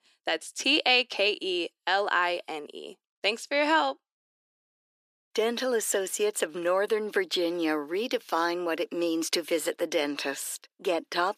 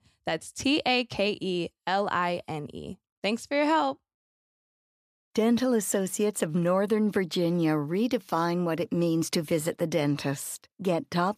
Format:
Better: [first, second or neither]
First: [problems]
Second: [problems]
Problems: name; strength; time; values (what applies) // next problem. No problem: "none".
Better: second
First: thin; somewhat; fading below 350 Hz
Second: none